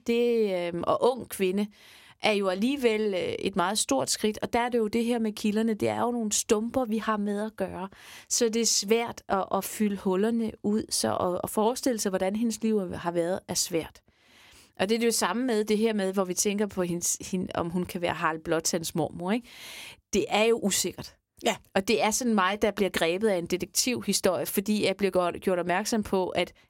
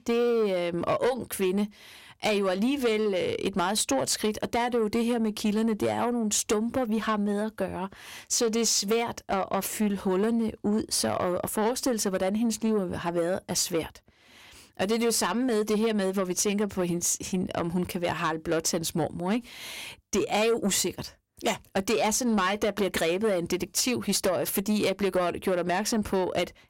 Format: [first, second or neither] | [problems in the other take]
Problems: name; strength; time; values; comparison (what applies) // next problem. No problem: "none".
first | distortion; slight; 10 dB below the speech